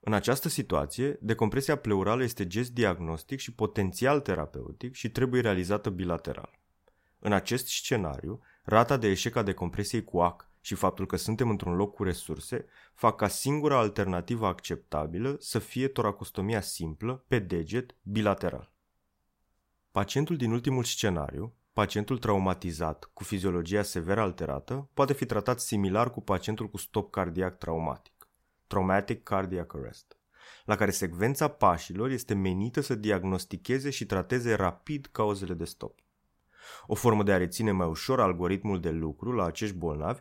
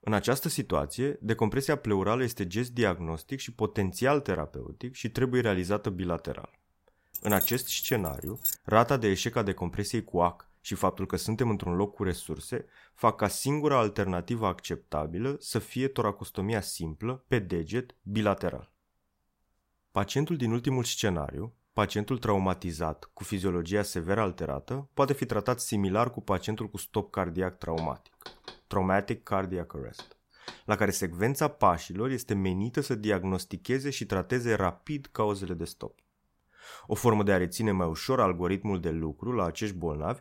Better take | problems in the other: first | jangling keys; loud; from 7 to 8.5 s; peak 1 dB above the speech // door banging; faint; from 28 to 31 s; peak 15 dB below the speech

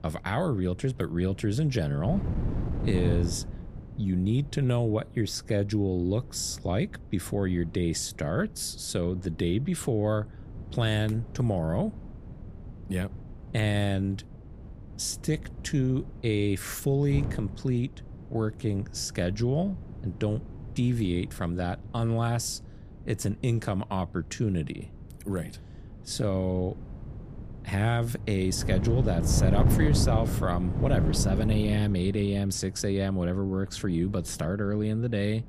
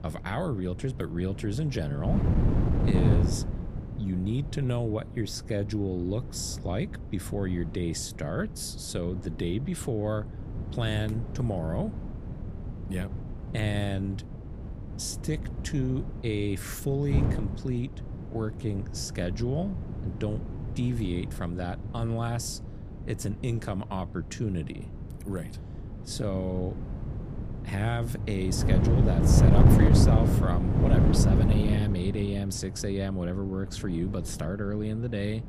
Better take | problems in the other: first | wind noise on the microphone; heavy; 2 dB below the speech; occasional gusts in the first

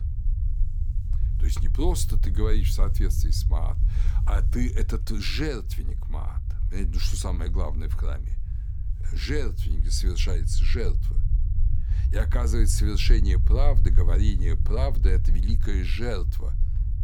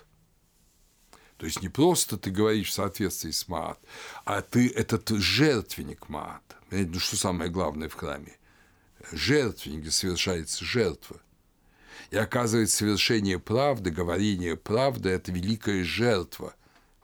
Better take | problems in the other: second | low rumble; noticeable; throughout; 10 dB below the speech

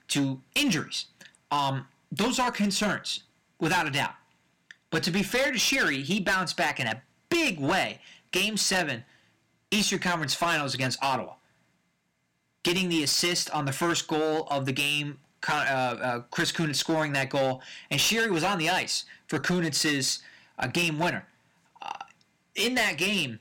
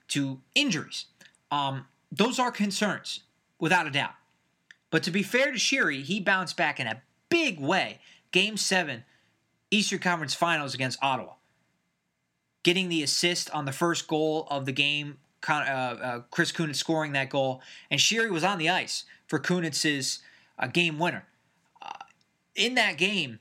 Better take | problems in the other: second | distortion; heavy; 9% of the sound clipped

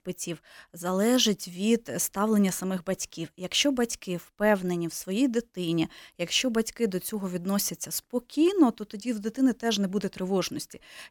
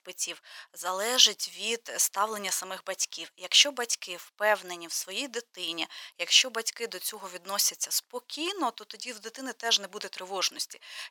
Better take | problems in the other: first | thin; very; fading below 800 Hz

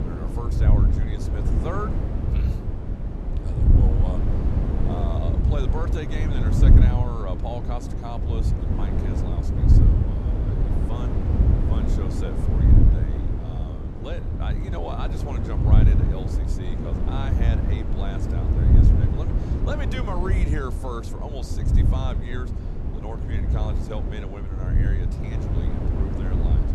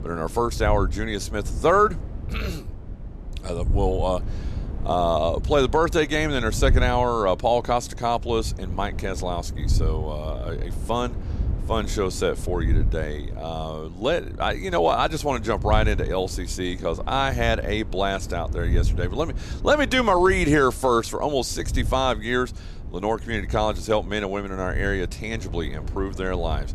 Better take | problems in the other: second | wind noise on the microphone; heavy; 1 dB above the speech; occasional gusts in the second

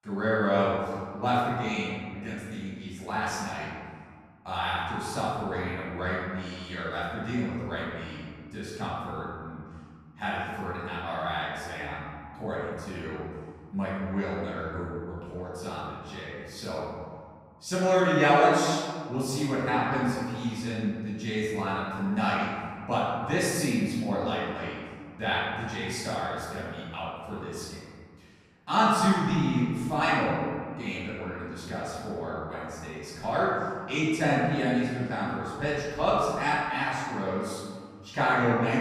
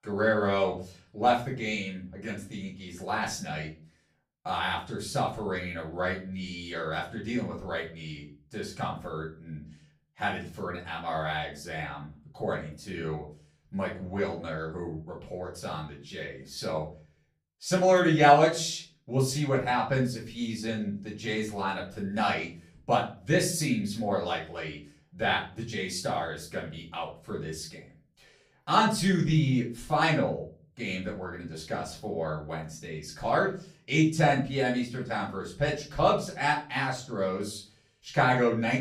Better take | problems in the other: second | room echo; strong; dies away in 1.9 s; slight in the second // off-mic speech; far; far in the second

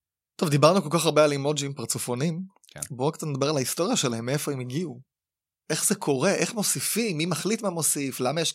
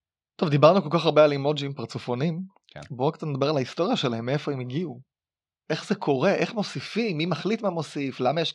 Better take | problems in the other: first | muffled; slightly; fading above 4 kHz

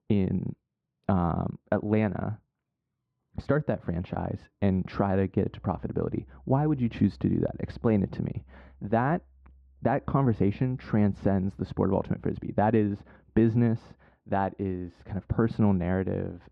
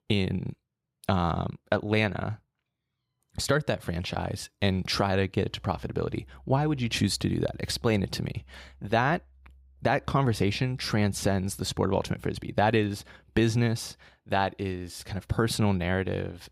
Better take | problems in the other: second | muffled; very; fading above 1.5 kHz

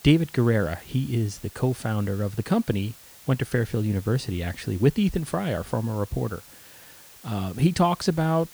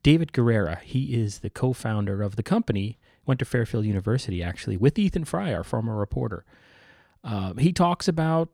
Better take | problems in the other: second | hiss; faint; throughout; 20 dB below the speech

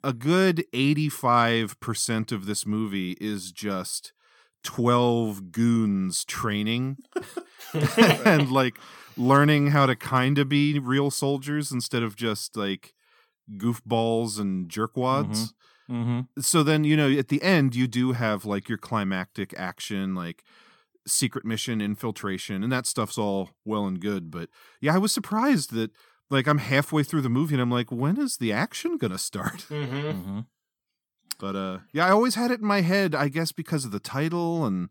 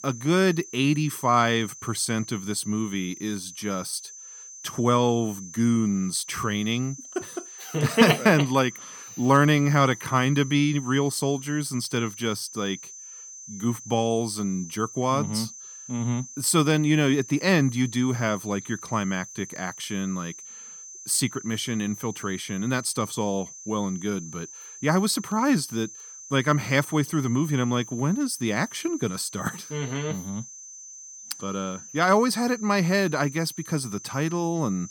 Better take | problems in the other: first | high-pitched whine; noticeable; throughout; 6 kHz, 15 dB below the speech

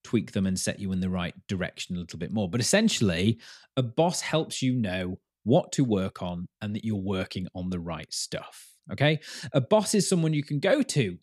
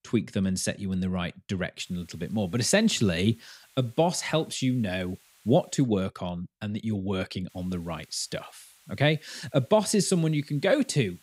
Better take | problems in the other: first | hiss; faint; from 2 to 6 s and from 7.5 s on; 30 dB below the speech

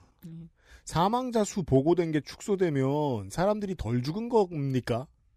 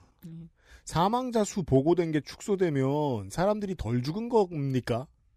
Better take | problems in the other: neither | none

